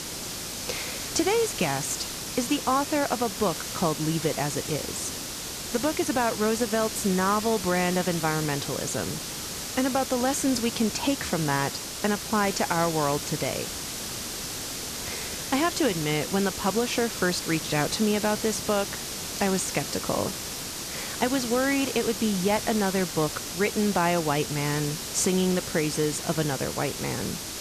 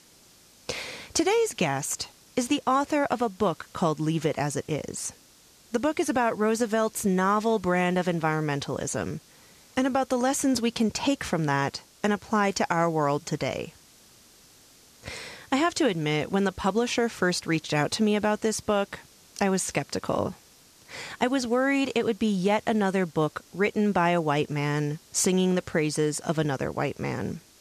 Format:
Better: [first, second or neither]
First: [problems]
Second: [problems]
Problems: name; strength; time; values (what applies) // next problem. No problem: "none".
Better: second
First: hiss; loud; throughout; 5 dB below the speech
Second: hiss; faint; throughout; 25 dB below the speech